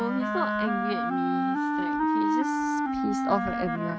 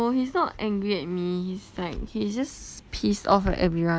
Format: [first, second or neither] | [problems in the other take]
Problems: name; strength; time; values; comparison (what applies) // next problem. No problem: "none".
second | noise reduction (neural mask model RNNoise)